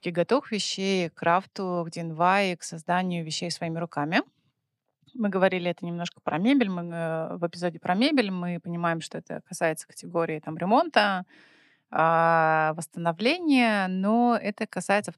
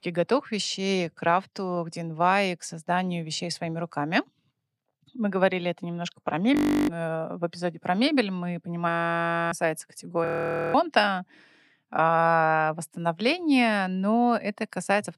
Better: first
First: none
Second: audio freezing; at 6.5 s, at 9 s for 0.5 s and at 10 s

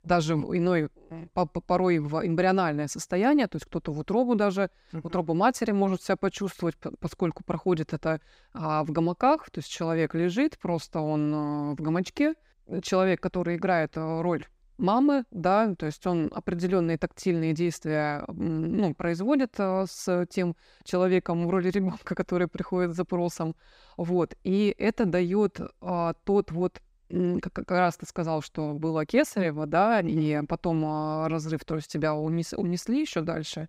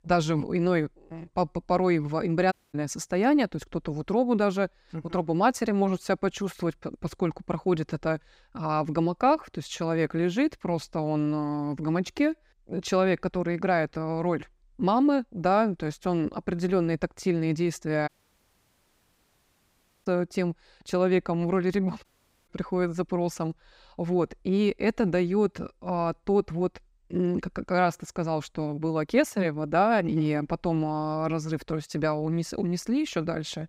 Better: first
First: none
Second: audio cutting out; at 2.5 s, at 18 s for 2 s and at 22 s

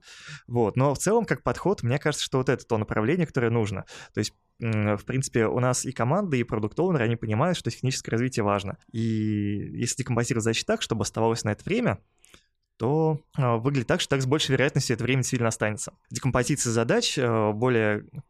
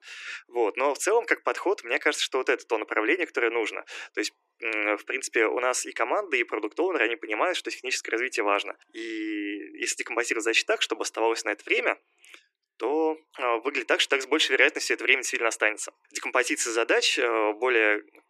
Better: first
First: none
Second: thin; very; fading below 300 Hz

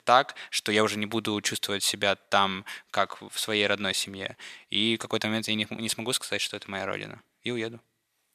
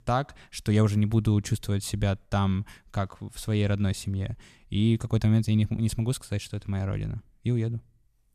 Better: second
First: thin; very; fading below 450 Hz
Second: none

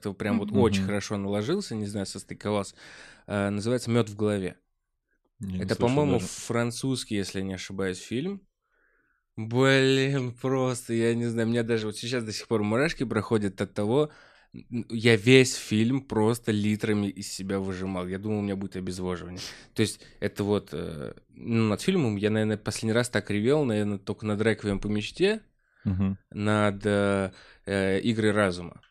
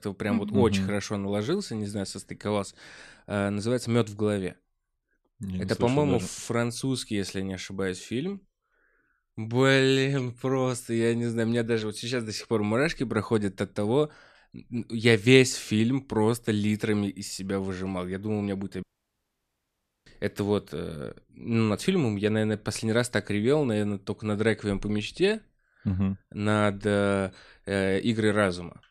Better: first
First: none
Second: audio cutting out; at 19 s for 1 s

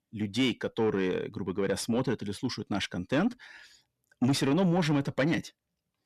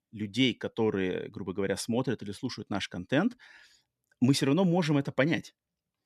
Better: second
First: distortion; slight; 10 dB below the speech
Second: none

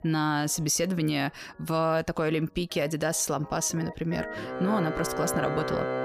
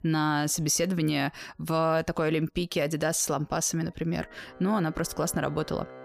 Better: second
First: background music; loud; throughout; 6 dB below the speech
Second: background music; faint; throughout; 20 dB below the speech

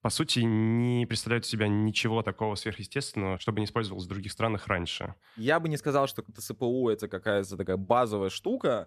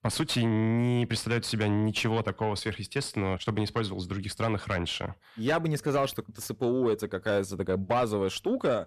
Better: first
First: none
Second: distortion; slight; 10 dB below the speech

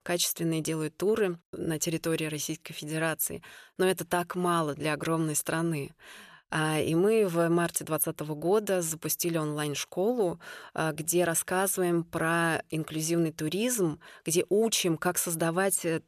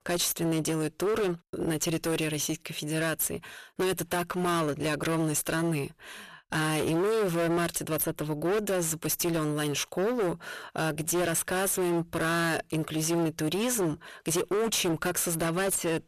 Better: first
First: none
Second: distortion; heavy; 23% of the sound clipped

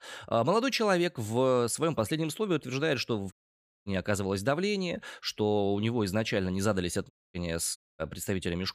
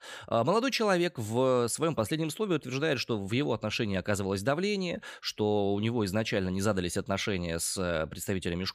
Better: second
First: audio cutting out; at 3.5 s for 0.5 s, at 7 s and at 8 s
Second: none

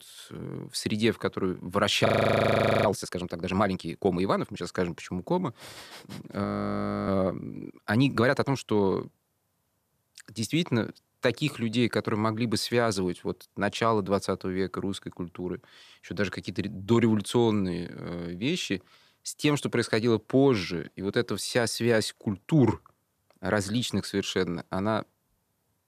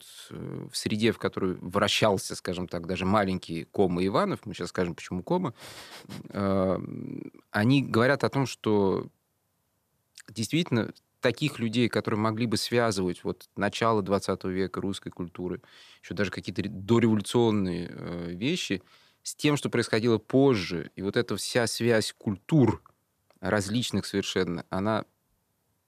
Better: second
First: audio freezing; at 2 s for 1 s and at 6.5 s for 0.5 s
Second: none

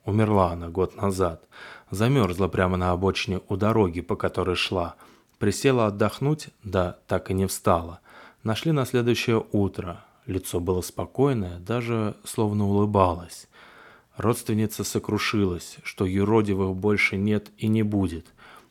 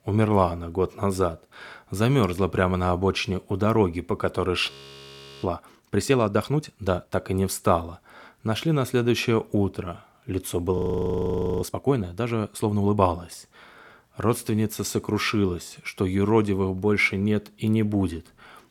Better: first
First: none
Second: audio freezing; at 4.5 s for 0.5 s and at 11 s for 1 s

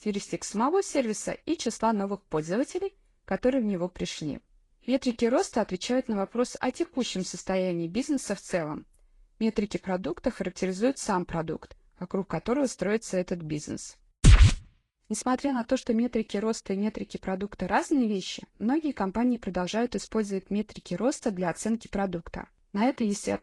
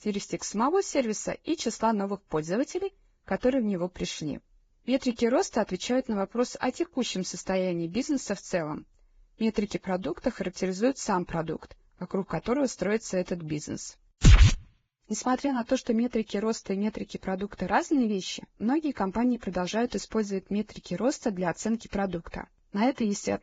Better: first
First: garbled, watery; slightly; nothing above 10 kHz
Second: garbled, watery; badly; nothing above 7.5 kHz

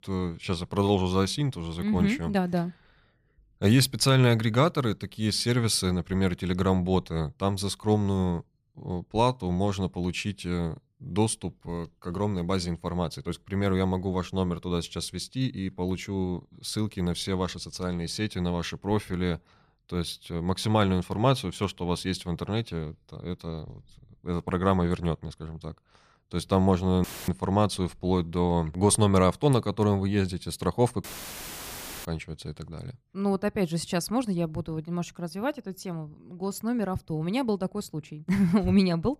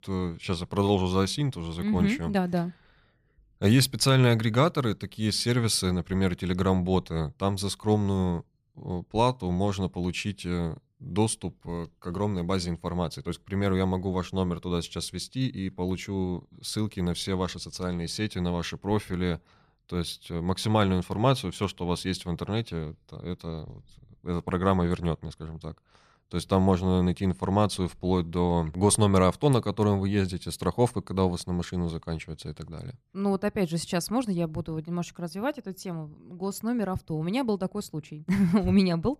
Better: second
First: audio cutting out; filled with static; at 27 s and at 31 s for 1 s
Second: none

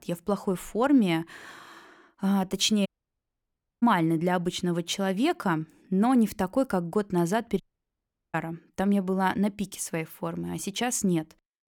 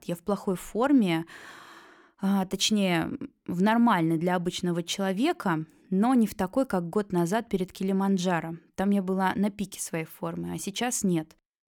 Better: second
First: audio cutting out; at 3 s for 1 s and at 7.5 s for 0.5 s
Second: none

